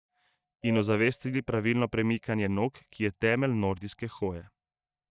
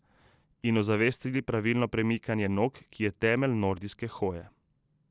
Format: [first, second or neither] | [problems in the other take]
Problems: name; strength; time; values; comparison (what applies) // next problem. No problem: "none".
second | noise reduction (neural mask model DeepFilterNet 3)